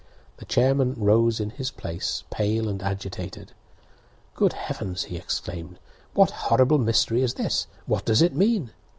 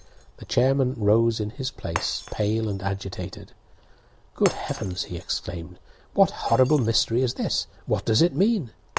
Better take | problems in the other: first | background sound (Shatter); 16 dB below the speech

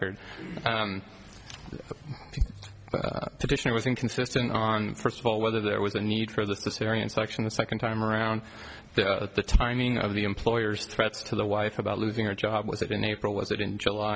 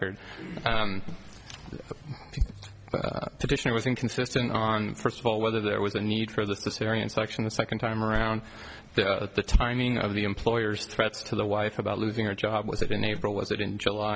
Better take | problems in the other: first | background sound (Cricket); 11 dB below the speech

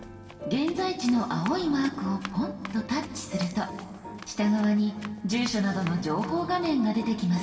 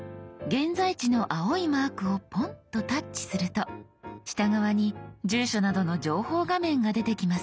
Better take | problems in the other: second | background sound (Run); 19 dB below the speech // room echo; dies away in 2.6 s

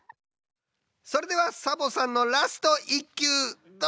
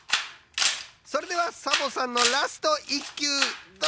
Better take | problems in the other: first | background sound (Camera); 1 dB below the speech

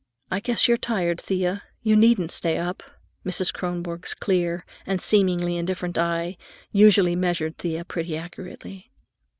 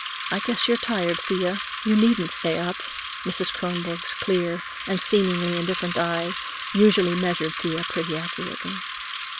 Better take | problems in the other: first | background sound (Bicycle); 7 dB below the speech

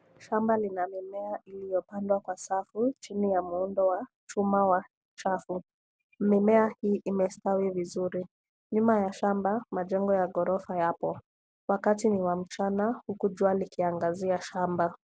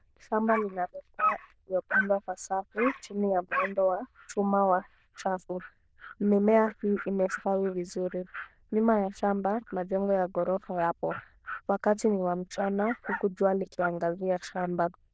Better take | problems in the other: first | noise reduction (neural diffusion model UNIVERSE++)

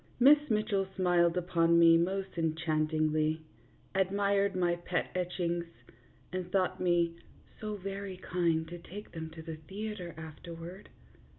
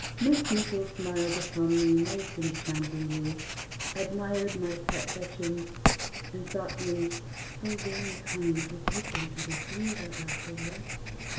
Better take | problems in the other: first | background sound (Writing); 3 dB below the speech // room echo; dies away in 0.7 s

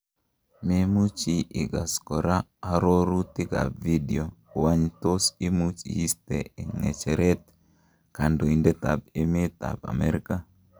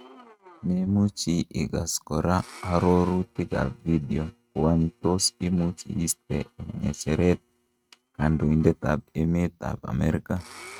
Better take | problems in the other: first | noise reduction (neural mask model RNNoise)

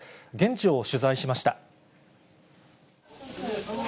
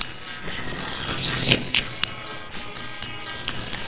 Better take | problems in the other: first | noise reduction (neural separator model SepFormer WHAMR!)

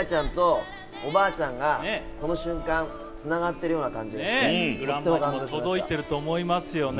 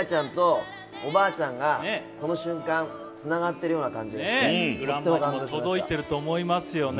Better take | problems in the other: second | background sound (Rain); 15 dB below the speech

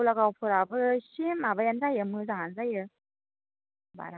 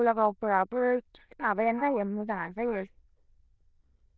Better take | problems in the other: first | noise reduction (neural diffusion model UNIVERSE++)

